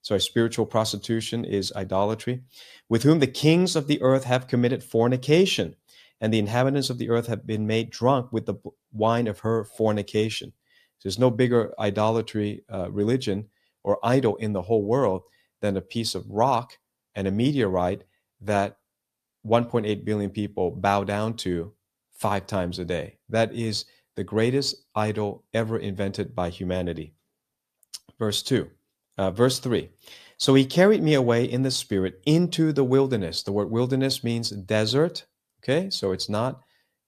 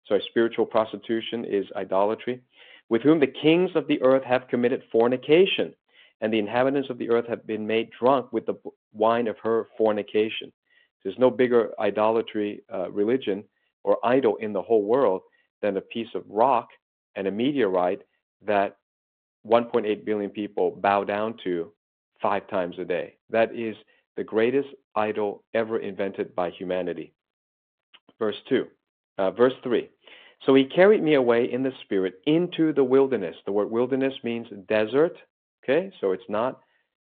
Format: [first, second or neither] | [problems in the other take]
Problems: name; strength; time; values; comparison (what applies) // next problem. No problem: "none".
first | phone-call audio